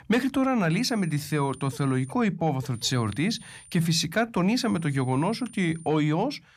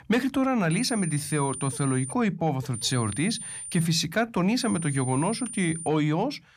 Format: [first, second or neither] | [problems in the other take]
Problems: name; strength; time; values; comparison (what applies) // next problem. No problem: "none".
first | high-pitched whine; loud; from 0.5 to 2 s, from 2.5 to 4 s and from 4.5 to 6 s; 9 kHz, 9 dB below the speech; faint in the first